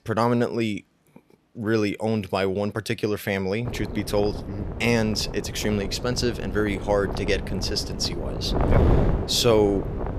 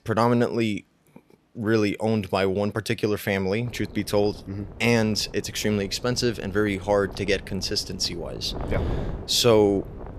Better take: second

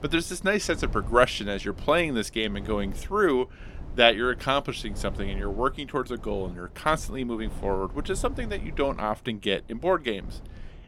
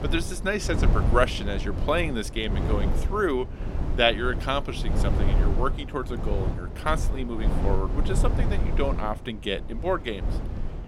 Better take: first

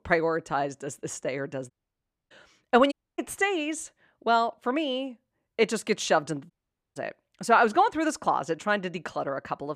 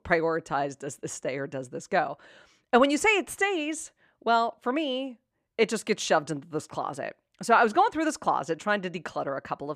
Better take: second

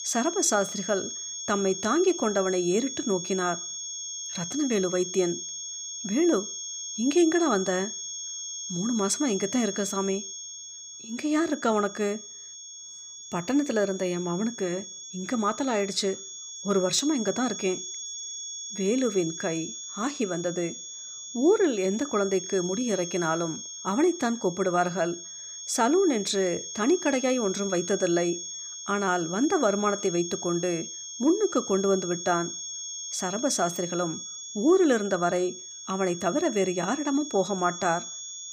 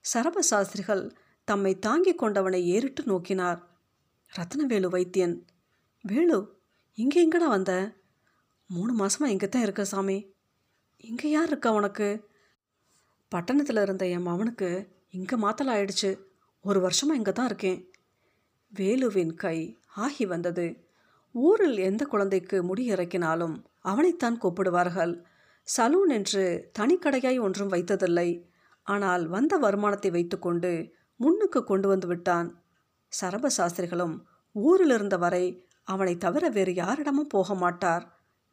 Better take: second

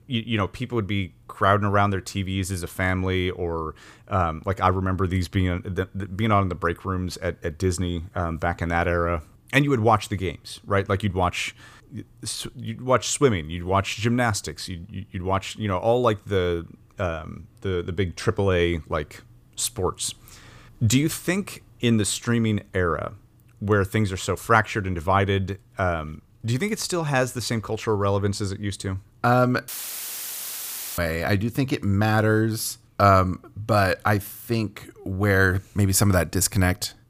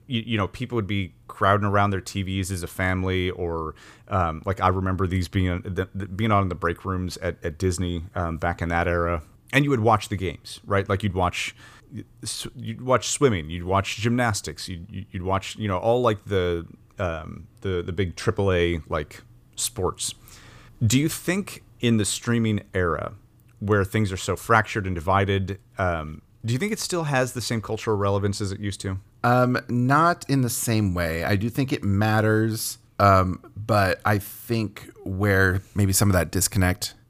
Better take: second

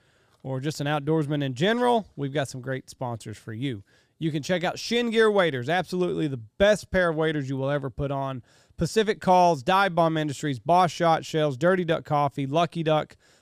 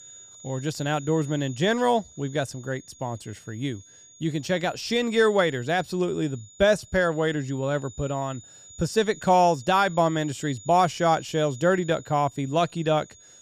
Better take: first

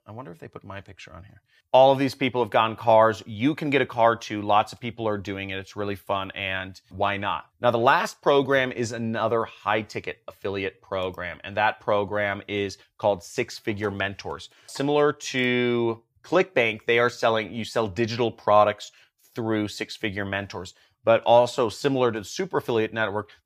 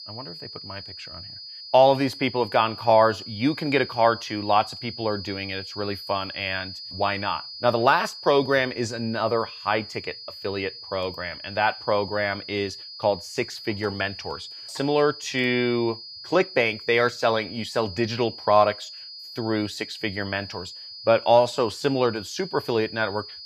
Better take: first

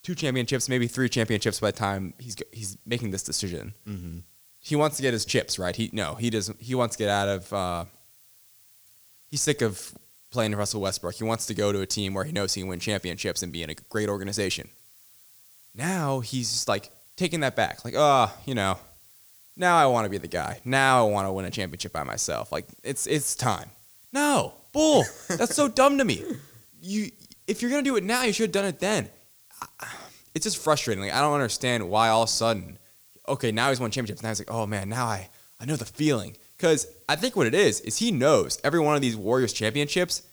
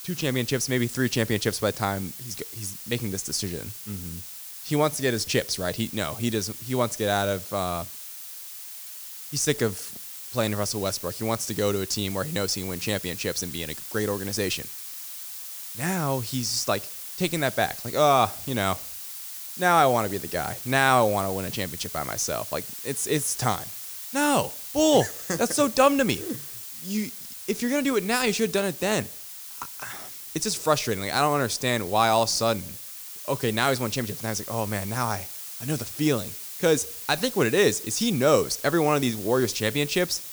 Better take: first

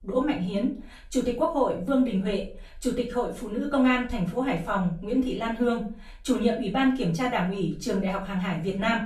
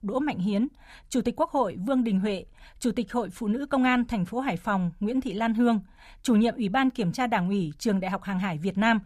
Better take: second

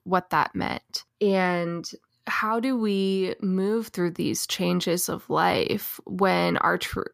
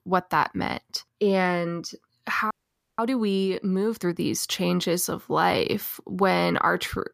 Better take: first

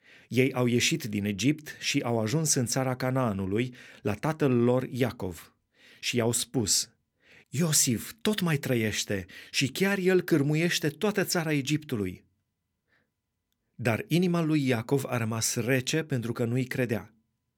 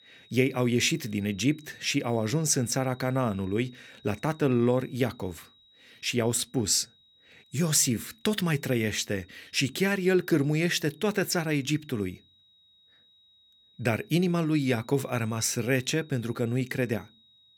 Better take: first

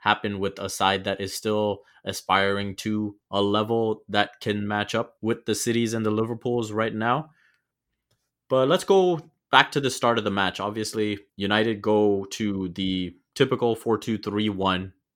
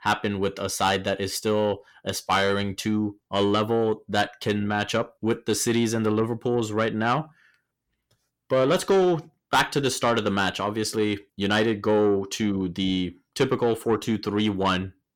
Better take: first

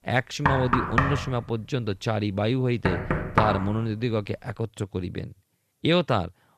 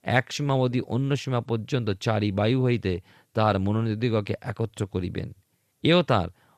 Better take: second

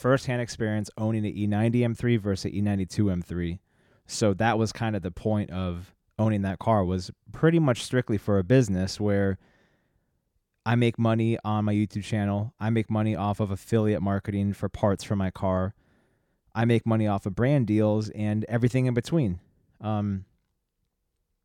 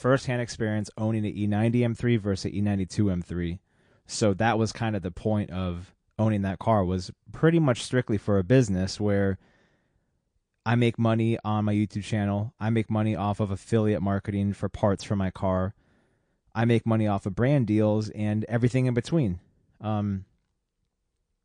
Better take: first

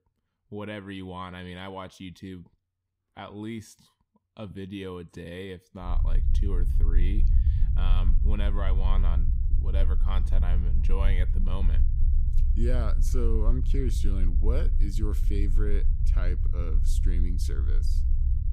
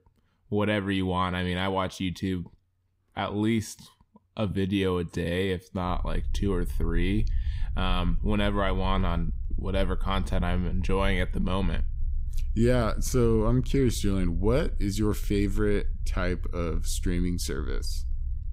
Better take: second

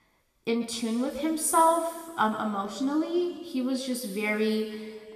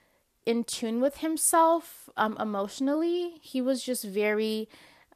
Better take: second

